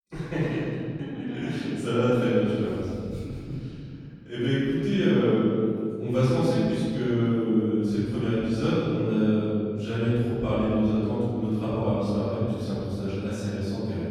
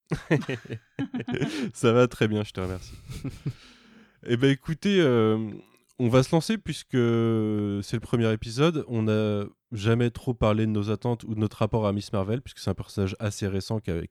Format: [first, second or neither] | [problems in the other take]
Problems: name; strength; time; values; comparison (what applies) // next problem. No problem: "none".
second | room echo; strong; dies away in 2.4 s // off-mic speech; far